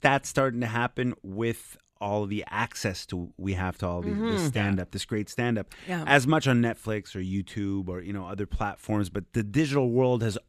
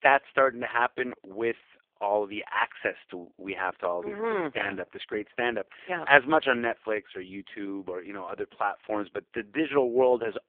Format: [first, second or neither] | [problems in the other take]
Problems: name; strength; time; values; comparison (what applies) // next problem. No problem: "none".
first | phone-call audio; poor line